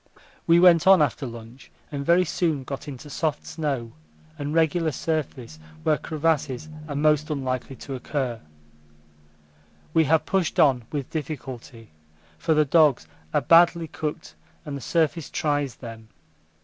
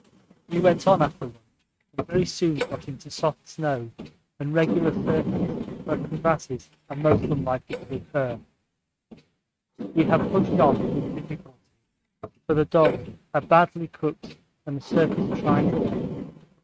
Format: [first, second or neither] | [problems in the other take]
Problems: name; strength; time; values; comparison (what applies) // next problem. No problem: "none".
first | noise reduction (neural mask model RNNoise)